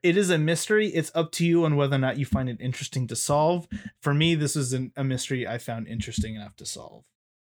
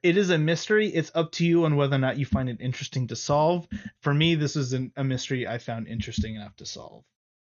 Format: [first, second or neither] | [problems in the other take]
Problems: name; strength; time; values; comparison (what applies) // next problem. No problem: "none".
first | garbled, watery; slightly; nothing above 6.5 kHz